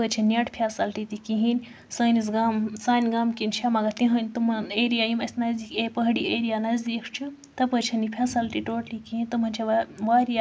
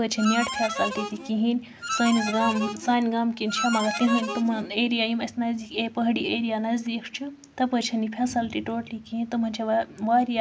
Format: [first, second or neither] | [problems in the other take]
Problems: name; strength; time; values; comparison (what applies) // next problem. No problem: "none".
first | background sound (Harmonica); 5 dB below the speech